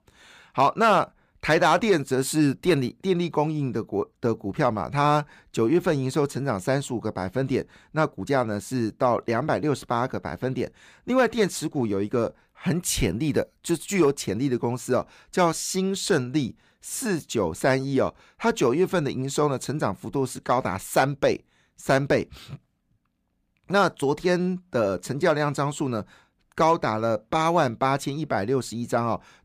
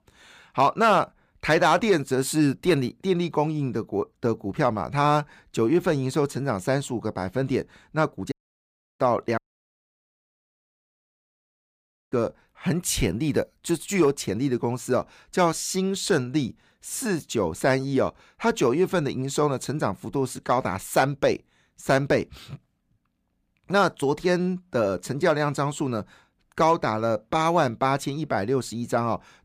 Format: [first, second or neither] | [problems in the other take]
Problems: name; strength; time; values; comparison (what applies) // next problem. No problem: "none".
first | audio cutting out; at 8.5 s for 0.5 s and at 9.5 s for 2.5 s